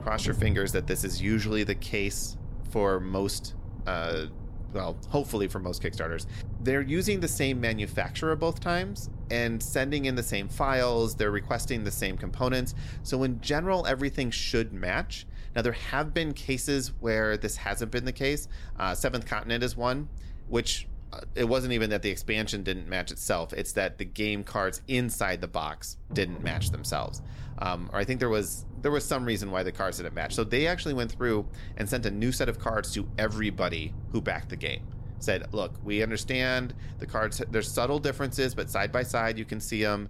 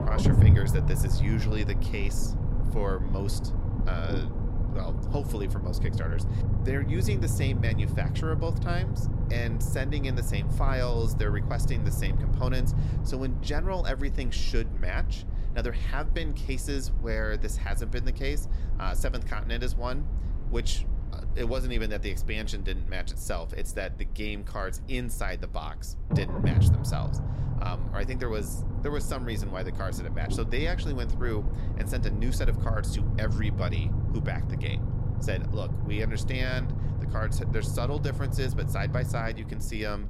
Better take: first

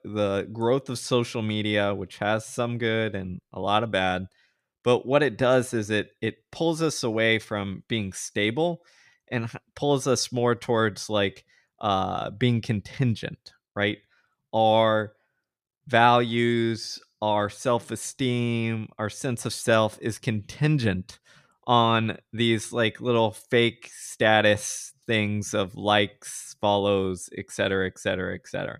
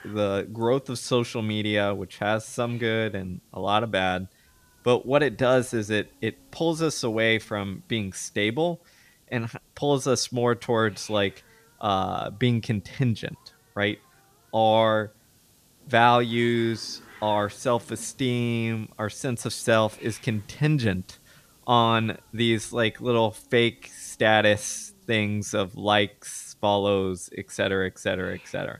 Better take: first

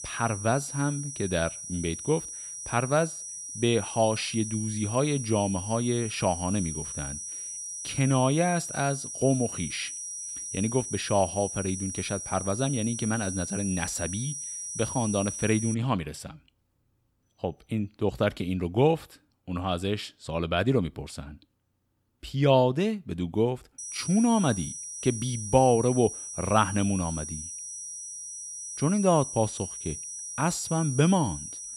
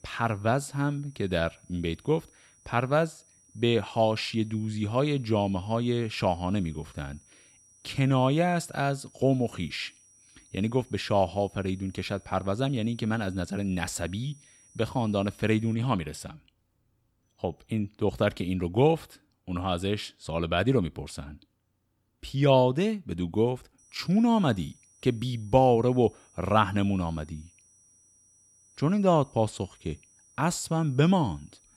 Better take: second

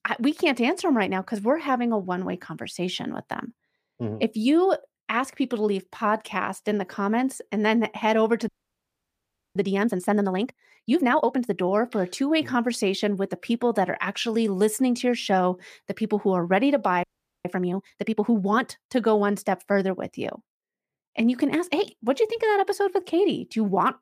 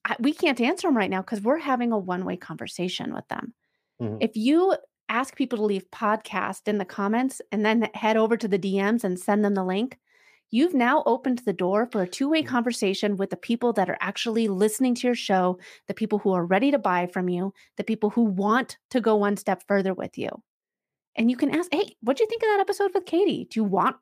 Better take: second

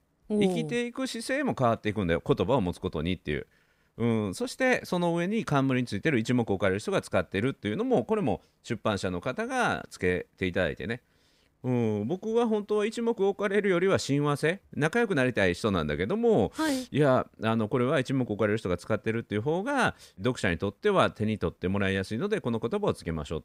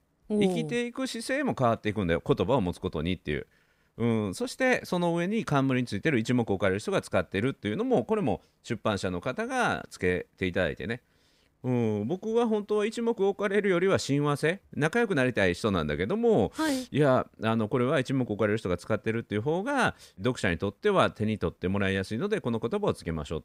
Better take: neither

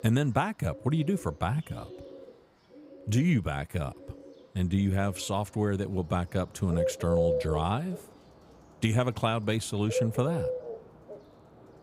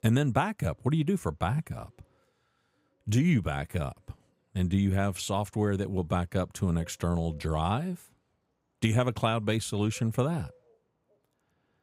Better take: second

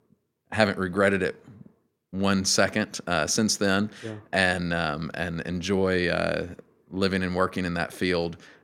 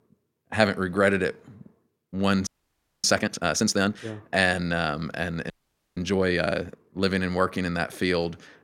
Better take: first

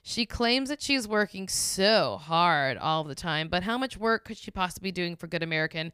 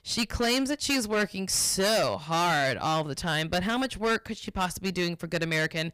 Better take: first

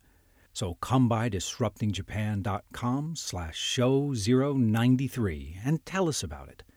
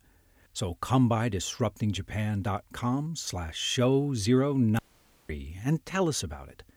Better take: first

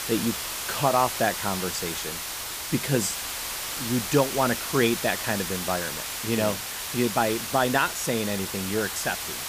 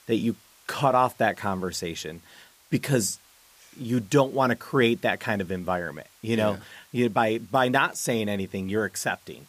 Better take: second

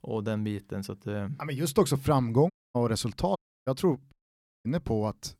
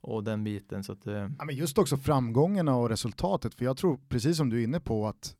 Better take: second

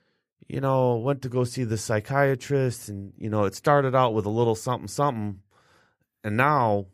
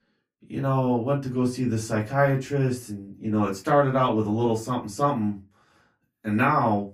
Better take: first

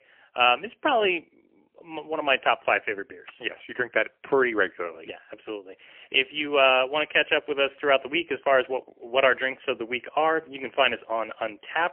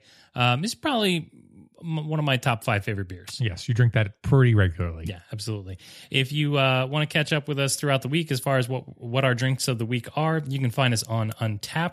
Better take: second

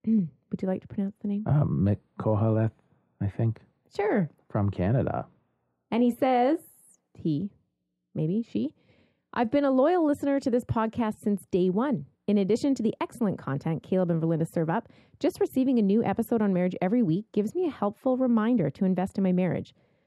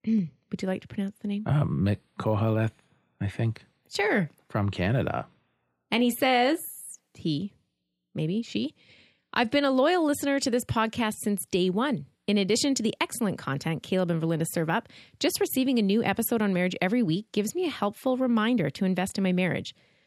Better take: second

